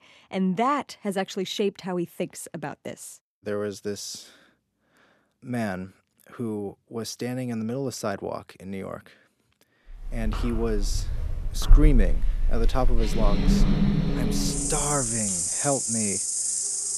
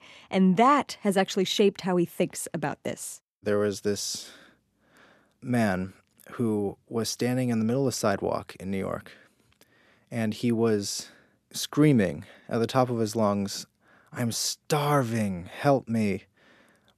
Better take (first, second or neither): second